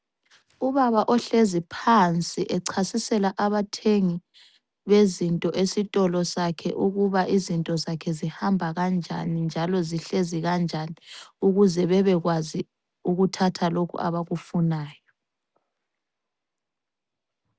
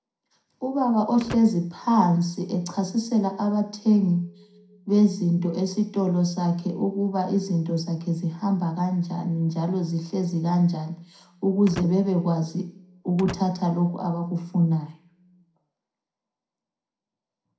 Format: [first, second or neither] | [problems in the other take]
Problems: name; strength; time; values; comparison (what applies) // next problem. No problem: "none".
first | background sound (Slam / Wood); 17 dB below the speech // room echo; dies away in 0.4 s